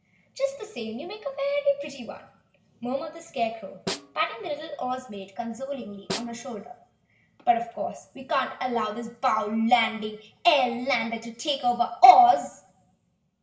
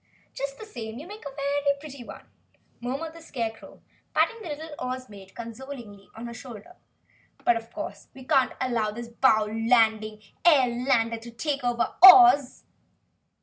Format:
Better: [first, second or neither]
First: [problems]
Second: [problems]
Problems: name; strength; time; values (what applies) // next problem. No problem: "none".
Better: second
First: background sound (Snare drum); 13 dB below the speech // room echo; dies away in 0.6 s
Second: none